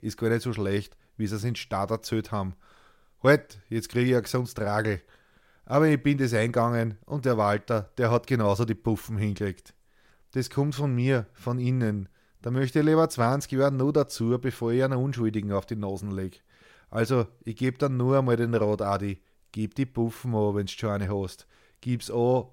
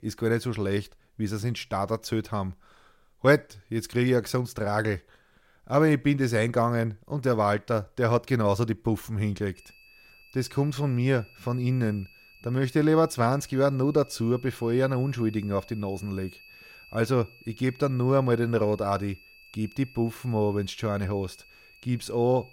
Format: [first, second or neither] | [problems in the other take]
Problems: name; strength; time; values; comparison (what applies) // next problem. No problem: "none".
first | high-pitched whine; faint; from 9.5 s on; 2.5 kHz, 25 dB below the speech